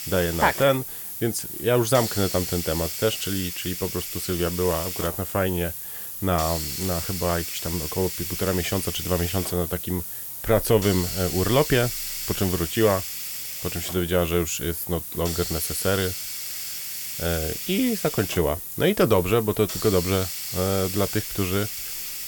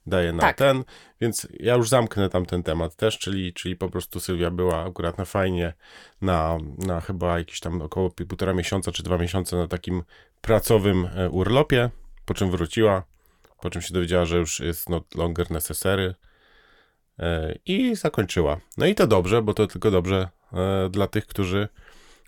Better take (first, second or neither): second